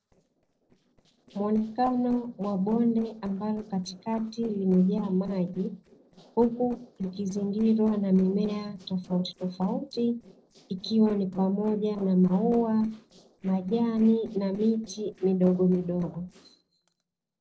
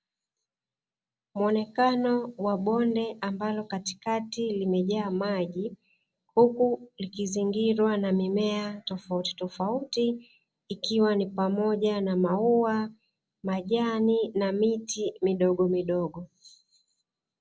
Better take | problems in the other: second | noise reduction (neural separator model SepFormer DNS4)

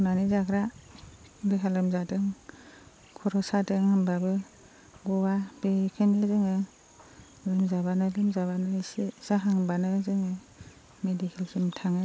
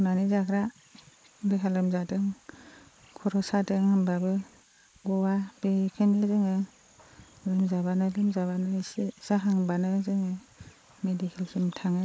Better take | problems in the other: first | noise reduction (neural mask model Resemble Enhance denoiser)

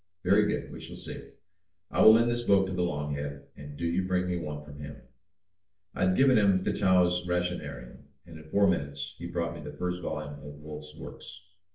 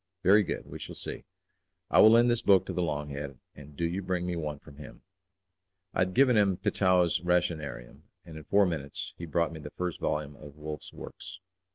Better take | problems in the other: second | room echo; dies away in 0.4 s

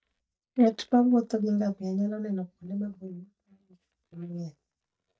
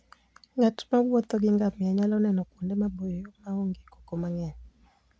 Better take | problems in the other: second | noise reduction (neural mask model DeepFilterNet 3)

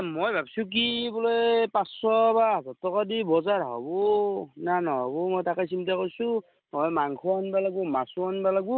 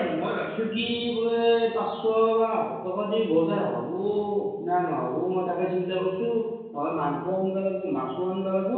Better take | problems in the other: first | room echo; dies away in 1 s

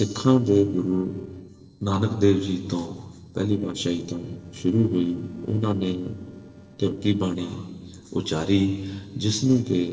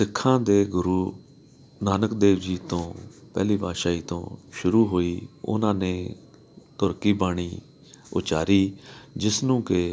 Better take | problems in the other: second | noise reduction (neural separator model SepFormer DNS4)

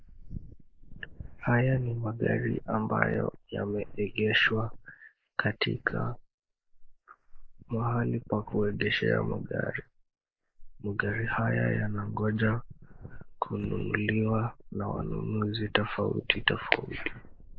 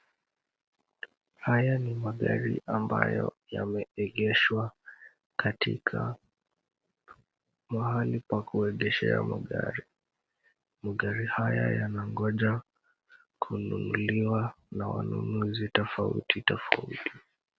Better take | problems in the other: second | noise reduction (neural mask model Resemble Enhance denoiser)

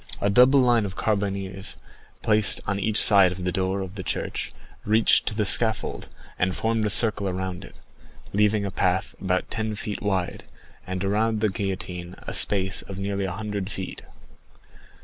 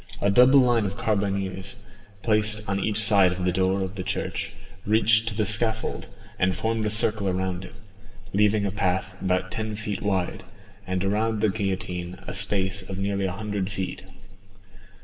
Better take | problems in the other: first | room echo; dies away in 2.8 s

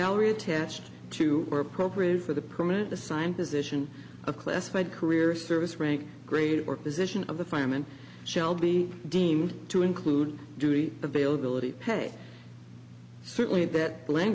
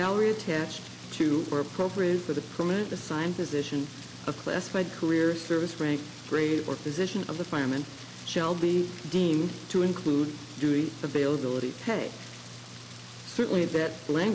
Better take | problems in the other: first | background sound (Rain); 18 dB below the speech

